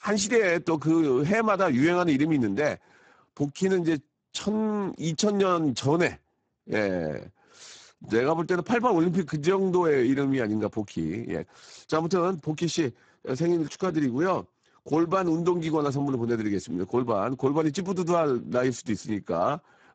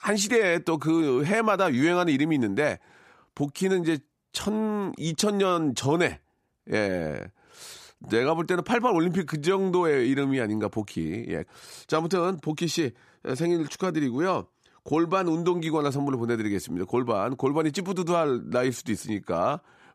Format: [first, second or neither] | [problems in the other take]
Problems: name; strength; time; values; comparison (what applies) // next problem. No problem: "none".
second | garbled, watery; badly; nothing above 7.5 kHz